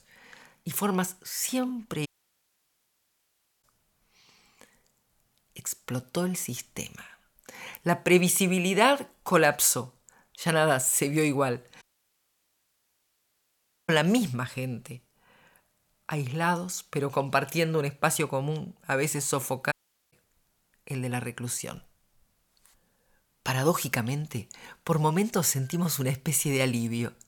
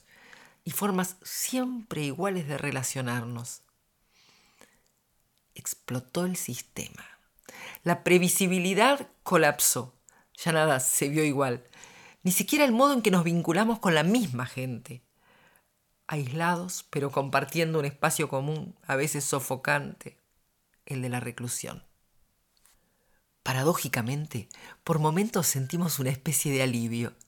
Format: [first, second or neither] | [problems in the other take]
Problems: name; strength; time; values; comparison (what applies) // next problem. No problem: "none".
second | audio cutting out; at 2 s for 1.5 s, at 12 s for 2 s and at 20 s